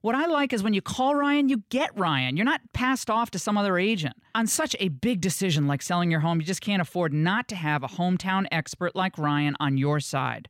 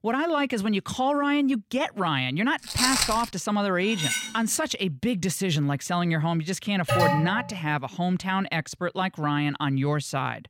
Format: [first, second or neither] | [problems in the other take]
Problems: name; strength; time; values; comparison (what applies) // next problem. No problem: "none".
first | footsteps; loud; at 2.5 s; peak 4 dB above the speech // clattering dishes; noticeable; at 4 s; peak 1 dB below the speech // alarm; loud; at 7 s; peak 3 dB above the speech